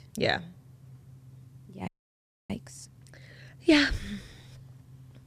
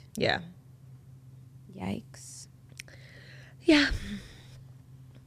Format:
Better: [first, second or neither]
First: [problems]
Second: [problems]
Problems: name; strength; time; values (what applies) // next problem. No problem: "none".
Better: second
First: audio freezing; at 2 s for 0.5 s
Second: none